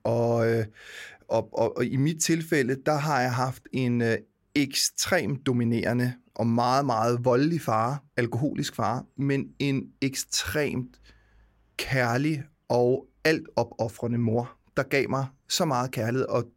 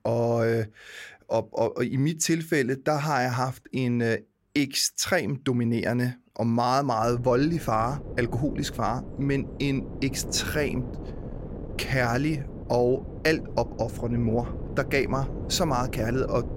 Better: first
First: none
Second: wind noise on the microphone; occasional gusts; from 7 s on; 15 dB below the speech

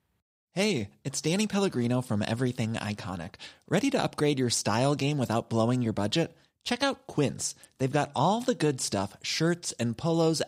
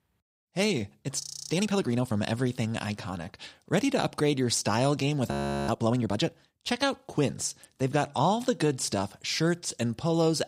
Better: first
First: none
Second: audio freezing; at 1 s and at 5.5 s

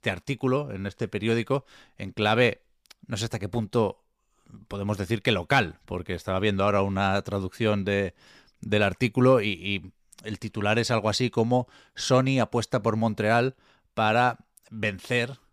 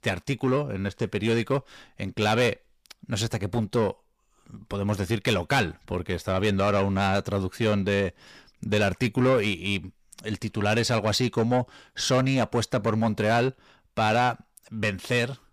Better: first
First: none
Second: distortion; slight; 10 dB below the speech

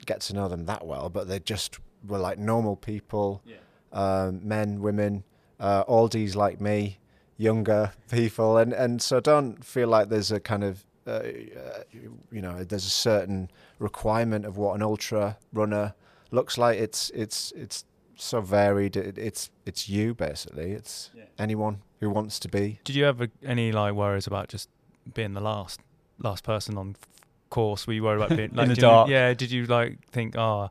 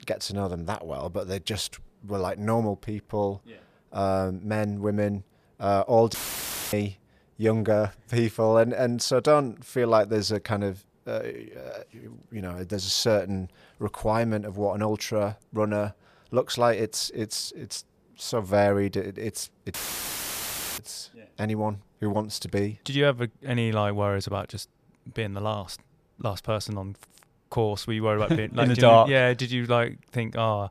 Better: first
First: none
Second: audio cutting out; filled with static; at 6 s for 0.5 s and at 20 s for 1 s

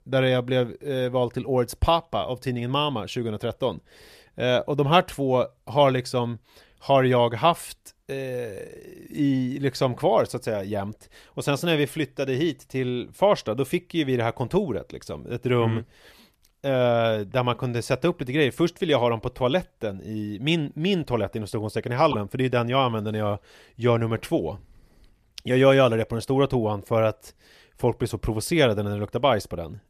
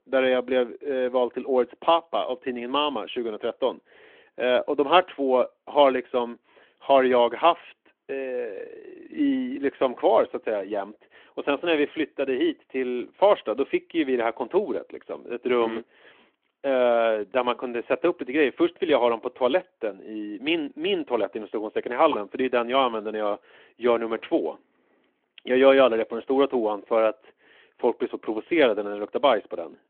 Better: first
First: none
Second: phone-call audio; nothing above 3.5 kHz

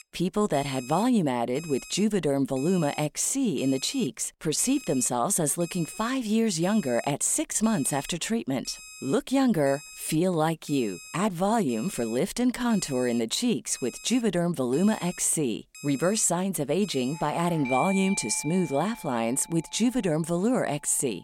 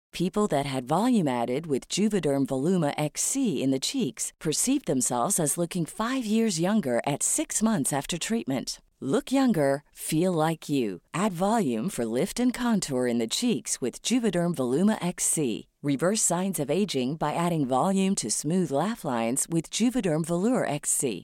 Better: second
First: alarms or sirens; noticeable; throughout; 15 dB below the speech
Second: none

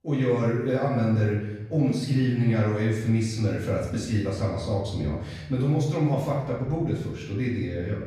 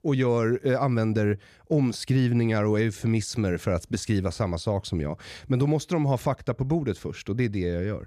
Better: second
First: room echo; noticeable; dies away in 0.9 s // off-mic speech; far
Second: none

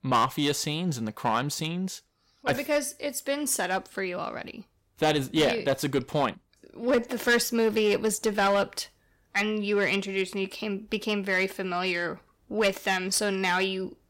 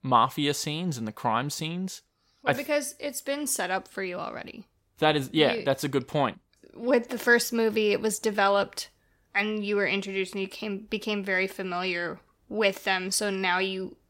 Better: second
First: distortion; slight; 4% of the sound clipped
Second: none

